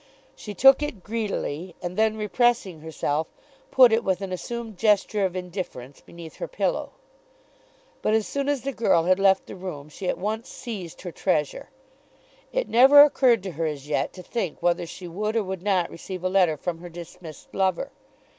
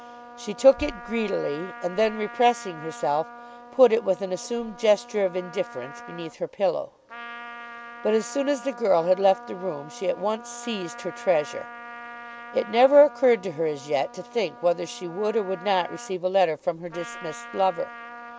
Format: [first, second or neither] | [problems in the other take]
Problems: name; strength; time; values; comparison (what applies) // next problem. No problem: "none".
first | background sound (Trumpet); 16 dB below the speech